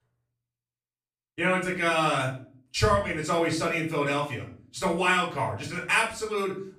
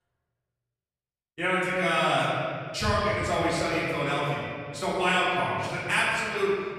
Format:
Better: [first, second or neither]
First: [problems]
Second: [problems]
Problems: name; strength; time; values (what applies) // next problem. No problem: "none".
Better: first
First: room echo; slight; dies away in 0.4 s // off-mic speech; far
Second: room echo; strong; dies away in 2.1 s // off-mic speech; far